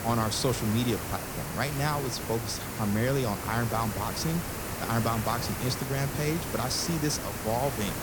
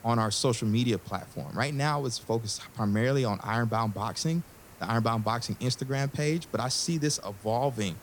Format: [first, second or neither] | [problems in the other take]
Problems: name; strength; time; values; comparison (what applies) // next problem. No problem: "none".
second | hiss; loud; throughout; 4 dB below the speech; faint in the second